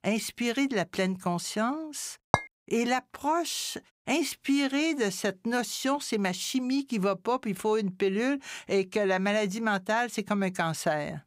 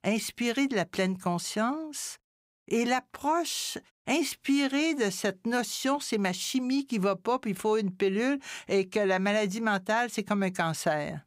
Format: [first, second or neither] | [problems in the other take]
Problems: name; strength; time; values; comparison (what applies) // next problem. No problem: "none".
second | clattering dishes; very faint; at 2.5 s; peak level with the speech